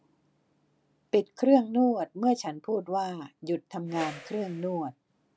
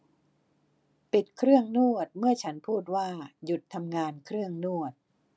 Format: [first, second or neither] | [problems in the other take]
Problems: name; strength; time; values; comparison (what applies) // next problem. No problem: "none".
second | background sound (Whoosh, swoosh, swish); 15 dB below the speech